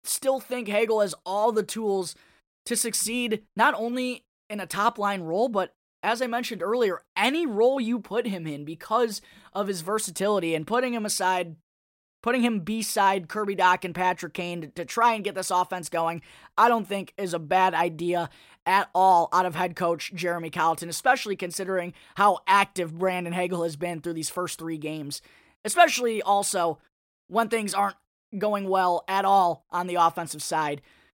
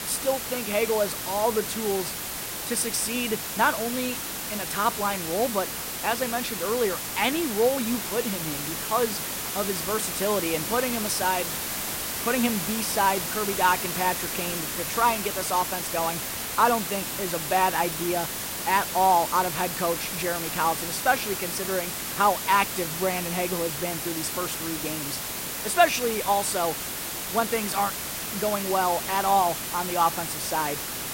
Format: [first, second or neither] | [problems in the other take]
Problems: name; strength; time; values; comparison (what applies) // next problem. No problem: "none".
first | hiss; loud; throughout; 3 dB below the speech